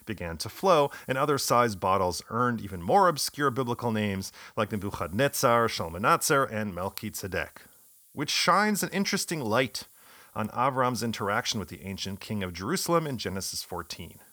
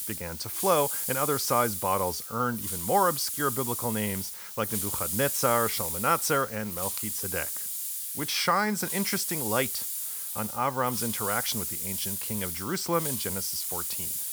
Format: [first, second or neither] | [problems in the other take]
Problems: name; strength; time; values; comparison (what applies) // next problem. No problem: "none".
first | hiss; loud; throughout; 1 dB below the speech; faint in the first